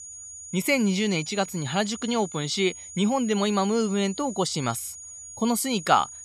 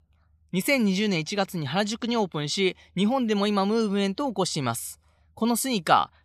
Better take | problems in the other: second | high-pitched whine; noticeable; throughout; 7 kHz, 15 dB below the speech

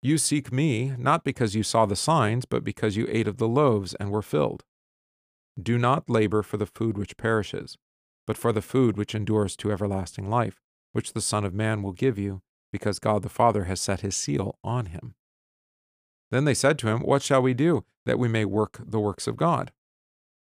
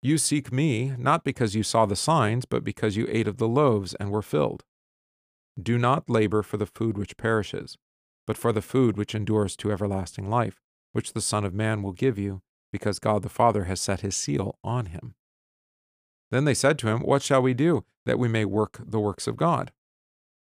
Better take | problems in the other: neither | none

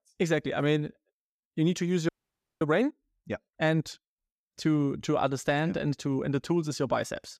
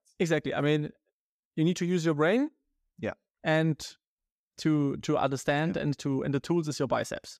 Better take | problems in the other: second | audio freezing; at 2 s for 0.5 s

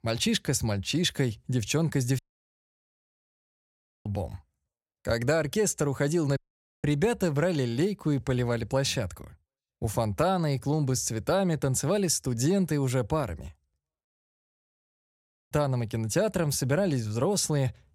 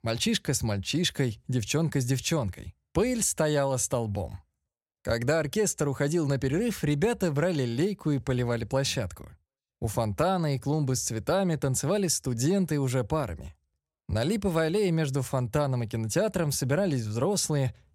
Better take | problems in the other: second | audio cutting out; at 2 s for 2 s, at 6.5 s and at 14 s for 1.5 s

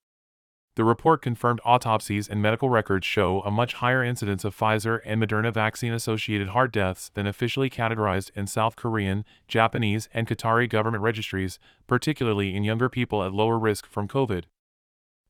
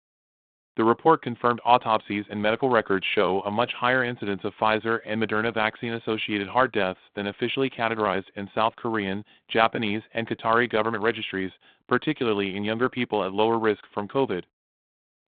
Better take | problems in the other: first | phone-call audio

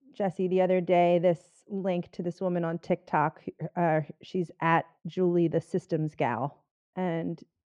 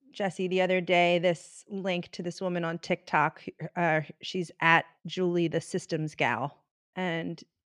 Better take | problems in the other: second | muffled; slightly; fading above 1.5 kHz

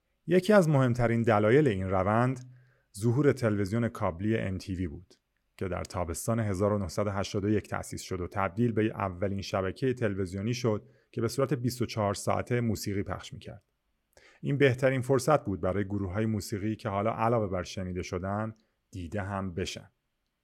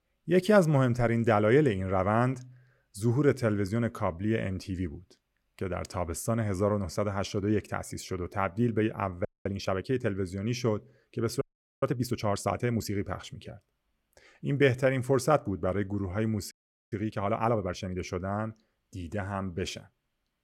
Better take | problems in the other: first | audio freezing; at 9.5 s, at 11 s and at 17 s

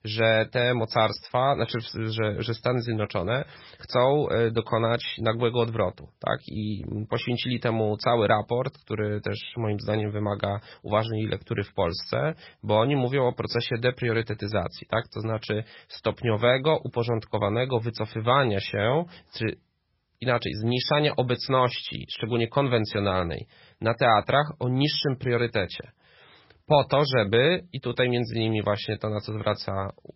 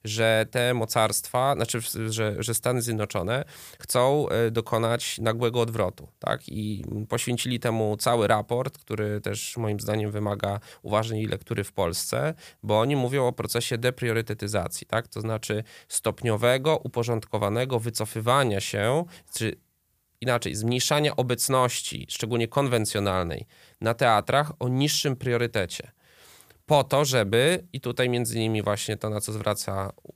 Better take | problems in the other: second | garbled, watery; badly; nothing above 5.5 kHz

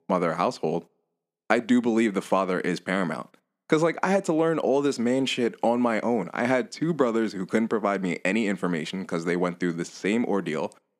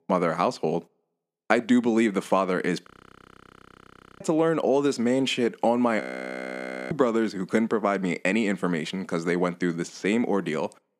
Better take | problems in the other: first | audio freezing; at 3 s for 1.5 s and at 6 s for 1 s

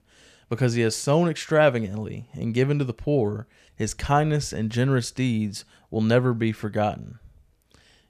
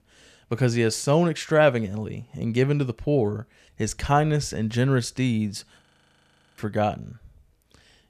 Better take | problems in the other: first | audio freezing; at 6 s for 1 s

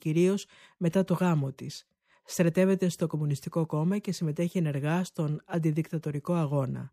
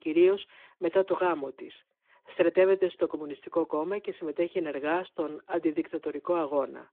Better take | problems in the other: first | phone-call audio

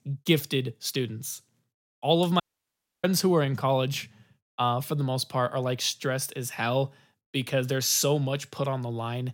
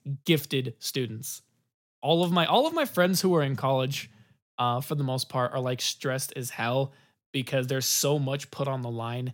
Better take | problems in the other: second | audio cutting out; at 2.5 s for 0.5 s

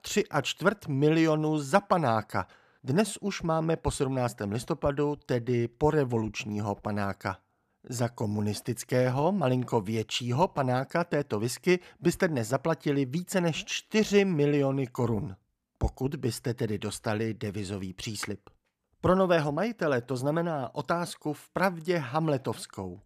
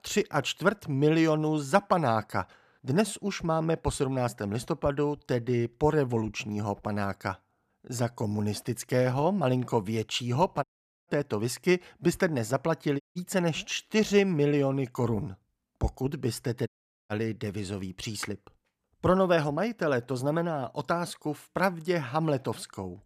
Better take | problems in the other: first | audio cutting out; at 11 s, at 13 s and at 17 s

